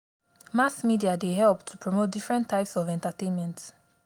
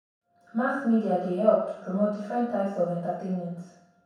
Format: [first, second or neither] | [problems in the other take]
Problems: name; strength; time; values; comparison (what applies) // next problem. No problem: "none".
first | room echo; dies away in 0.7 s